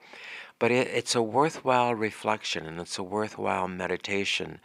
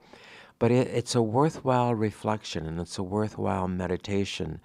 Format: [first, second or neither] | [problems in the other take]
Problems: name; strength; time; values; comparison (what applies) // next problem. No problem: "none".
second | thin; somewhat; fading below 500 Hz